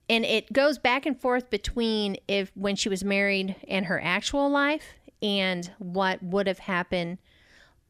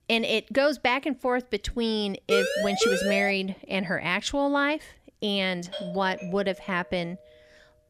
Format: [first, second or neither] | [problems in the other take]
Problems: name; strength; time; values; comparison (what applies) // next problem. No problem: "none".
first | siren; loud; from 2.5 to 3.5 s; peak 2 dB above the speech // doorbell; faint; from 5.5 to 7 s; peak 10 dB below the speech